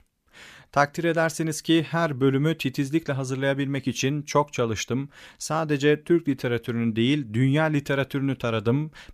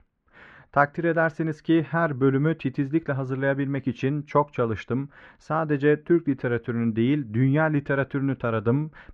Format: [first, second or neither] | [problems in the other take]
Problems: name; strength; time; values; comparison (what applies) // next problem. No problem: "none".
first | muffled; very; fading above 1.5 kHz